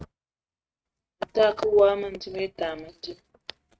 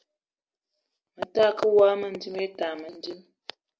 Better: second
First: noise reduction (neural mask model RNNoise)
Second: none

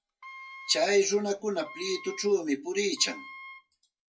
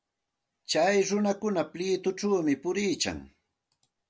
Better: second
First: noise reduction (classical method WPE with log-MMSE)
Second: none

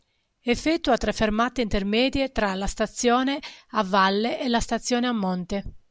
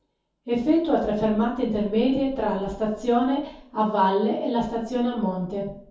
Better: first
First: none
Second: room echo; dies away in 0.6 s

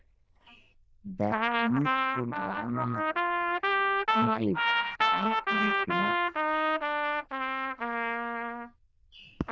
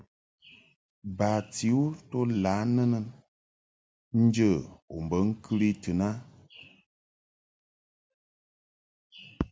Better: second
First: noise reduction (neural diffusion model UNIVERSE++)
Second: none

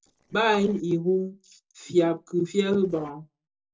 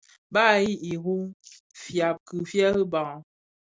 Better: second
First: noise reduction (neural separator model SepFormer DNS4)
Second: none

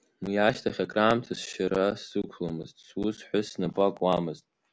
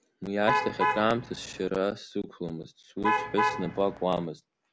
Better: first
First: none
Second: background sound (Alarm / Truck); 1 dB above the speech

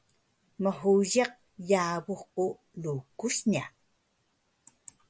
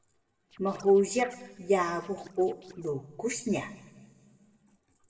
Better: first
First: none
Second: noise reduction (neural separator model SepFormer DNS4)

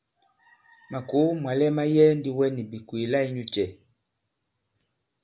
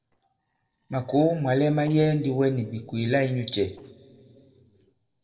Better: first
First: none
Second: noise reduction (neural separator model SepFormer DNS4)

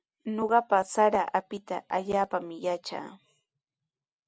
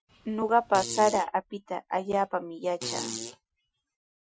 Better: first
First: none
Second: noise reduction (classical method Wiener filter)

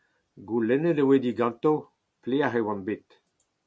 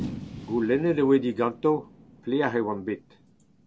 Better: first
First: none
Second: background sound (Fireworks); 15 dB below the speech

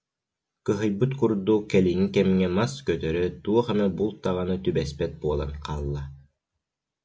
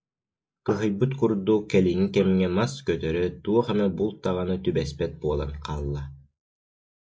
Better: first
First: none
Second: noise reduction (neural mask model Resemble Enhance denoiser)

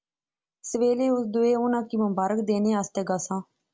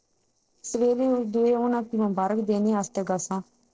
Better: first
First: none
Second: noise reduction (neural separator model SepFormer DNS4)

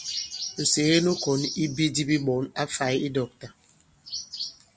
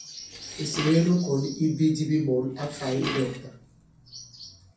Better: first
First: none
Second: background sound (Dishes, pots, and pans); 13 dB below the speech // room echo; dies away in 0.6 s

